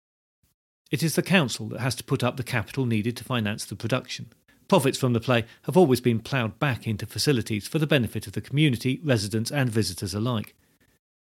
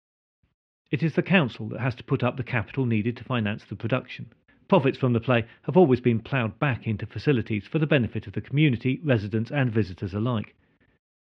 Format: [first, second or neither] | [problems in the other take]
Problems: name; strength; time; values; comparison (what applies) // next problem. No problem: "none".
first | muffled; very; fading above 2.5 kHz